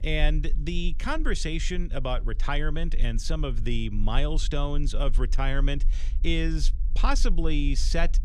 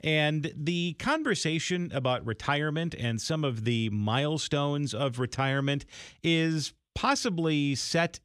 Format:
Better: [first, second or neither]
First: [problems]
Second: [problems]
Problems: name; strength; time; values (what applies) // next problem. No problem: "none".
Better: second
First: low rumble; faint; throughout; 25 dB below the speech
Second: none